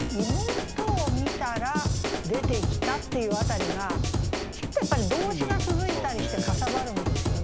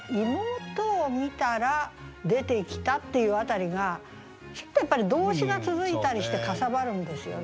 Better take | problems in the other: second | background sound (Drum / Drum kit); 3 dB above the speech

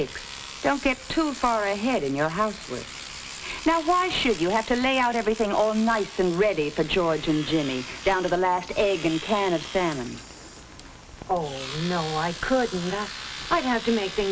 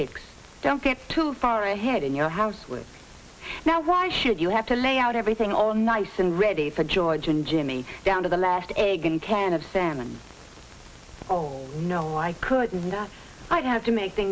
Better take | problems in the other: second | background sound (Domestic sounds, home sounds); 14 dB below the speech

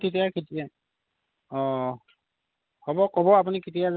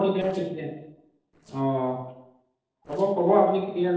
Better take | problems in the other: first | noise reduction (neural separator model SepFormer DNS4)

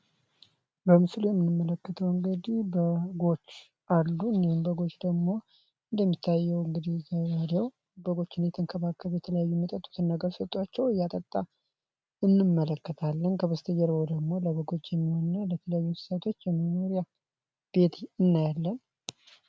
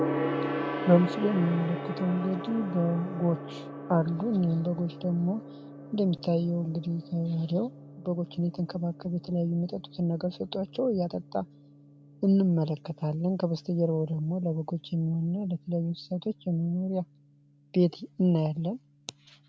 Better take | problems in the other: first | background sound (Gong); 10 dB below the speech

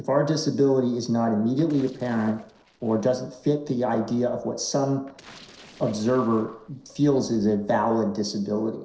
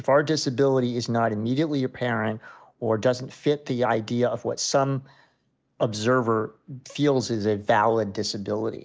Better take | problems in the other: second | noise reduction (neural separator model SepFormer DNS4)

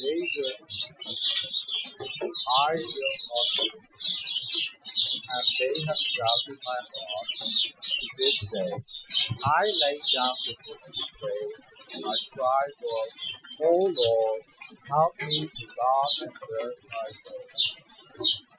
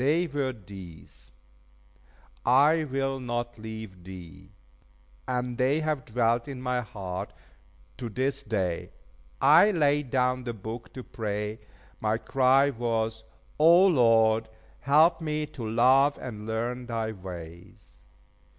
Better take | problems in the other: second | noise reduction (classical method Wiener filter)

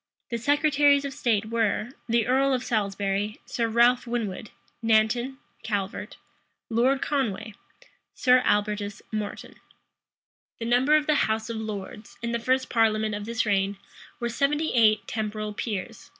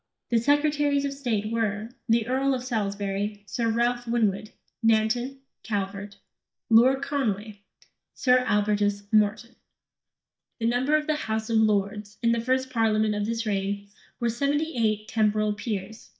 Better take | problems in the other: first | noise reduction (neural mask model DeepFilterNet 3)

